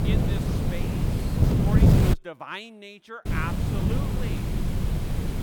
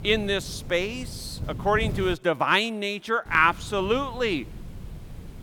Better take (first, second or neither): second